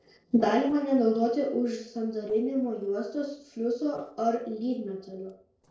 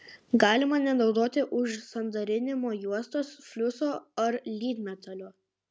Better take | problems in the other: second | noise reduction (neural separator model SepFormer DNS4)

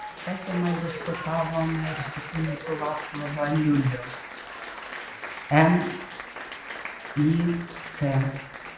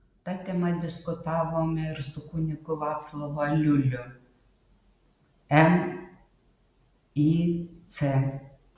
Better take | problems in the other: second | background sound (Applause); 10 dB below the speech

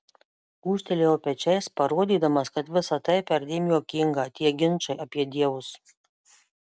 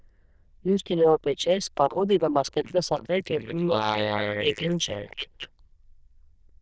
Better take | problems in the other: first | noise reduction (neural diffusion model UNIVERSE++)

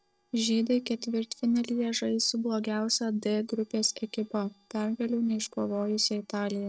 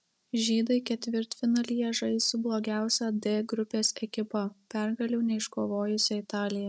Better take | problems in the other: second | noise reduction (neural separator model SepFormer DNS4)

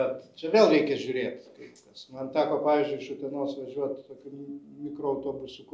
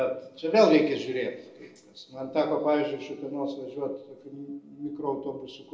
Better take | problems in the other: first | room echo; dies away in 1 s

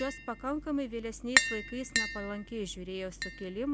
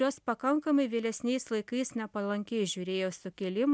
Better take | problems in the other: second | background sound (Tap); 1 dB above the speech

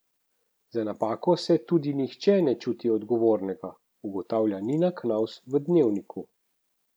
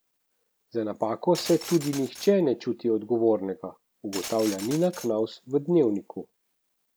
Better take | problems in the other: first | background sound (Glass); 15 dB below the speech

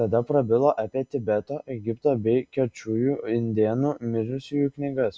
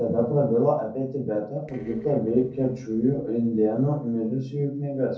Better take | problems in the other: first | noise reduction (neural separator model SepFormer DNS4)

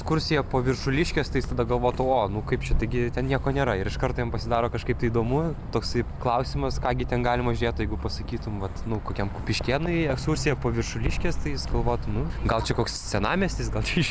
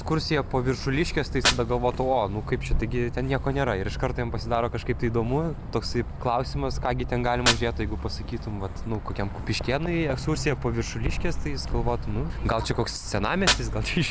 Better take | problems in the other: first | background sound (Fire); 10 dB below the speech

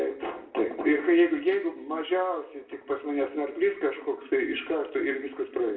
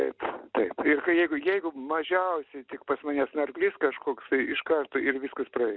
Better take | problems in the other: second | room echo; dies away in 0.7 s

